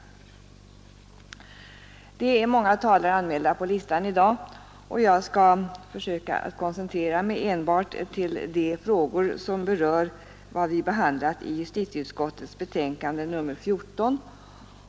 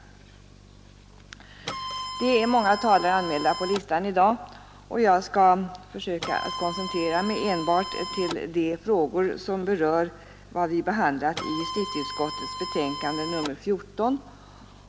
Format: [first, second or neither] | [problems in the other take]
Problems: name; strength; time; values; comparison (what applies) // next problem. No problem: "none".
first | background sound (Printer); 8 dB below the speech